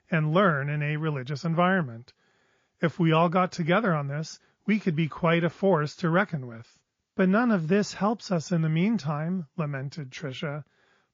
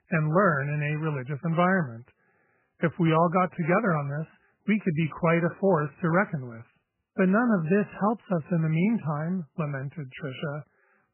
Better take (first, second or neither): first